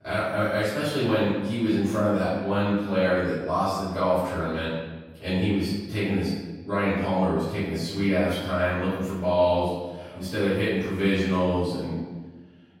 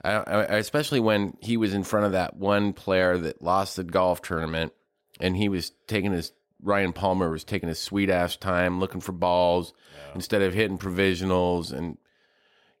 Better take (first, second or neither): second